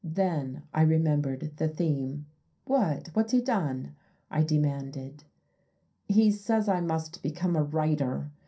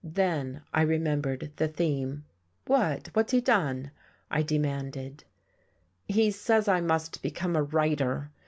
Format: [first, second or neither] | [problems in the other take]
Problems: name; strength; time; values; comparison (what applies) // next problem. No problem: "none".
second | room echo; dies away in 0.3 s